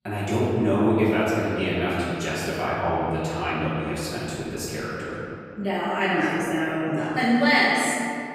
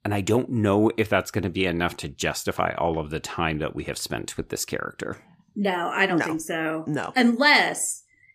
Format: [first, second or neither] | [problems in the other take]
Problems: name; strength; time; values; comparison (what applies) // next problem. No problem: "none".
second | off-mic speech; far // room echo; strong; dies away in 2.4 s